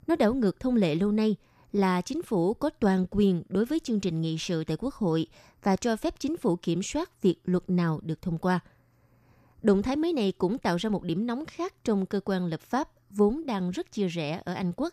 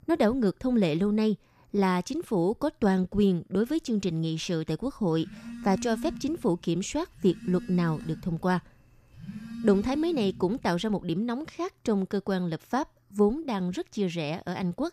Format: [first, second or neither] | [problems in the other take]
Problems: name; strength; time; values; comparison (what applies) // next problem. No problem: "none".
first | phone ringing; noticeable; from 5 to 11 s; peak 9 dB below the speech